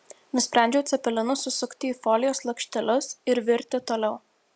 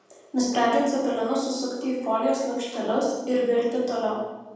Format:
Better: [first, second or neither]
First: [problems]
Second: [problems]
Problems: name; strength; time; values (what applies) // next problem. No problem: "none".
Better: first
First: none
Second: room echo; dies away in 1.3 s